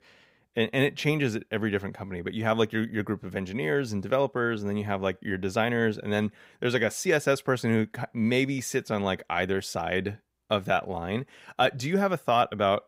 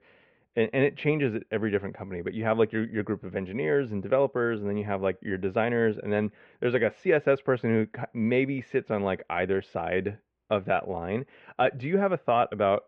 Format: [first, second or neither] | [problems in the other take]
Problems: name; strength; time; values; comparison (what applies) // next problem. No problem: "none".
first | muffled; very; fading above 2.5 kHz